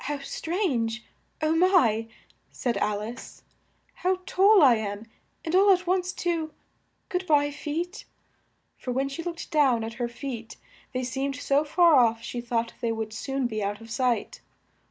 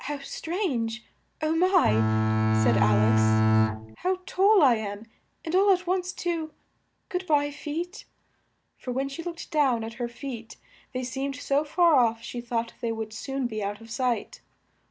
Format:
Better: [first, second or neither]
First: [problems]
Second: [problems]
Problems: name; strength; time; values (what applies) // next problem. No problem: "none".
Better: first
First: none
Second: background sound (Bowed string instrument); 5 dB above the speech